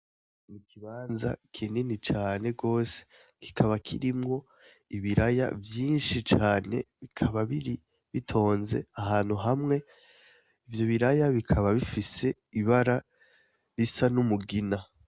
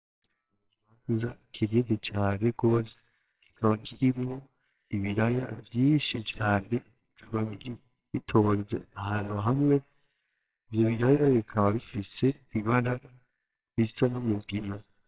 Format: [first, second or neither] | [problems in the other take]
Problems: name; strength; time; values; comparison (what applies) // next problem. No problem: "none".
first | noise reduction (neural separator model SepFormer WHAMR!)